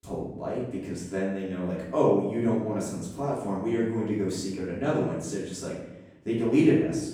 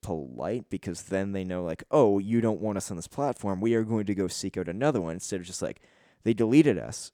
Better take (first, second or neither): second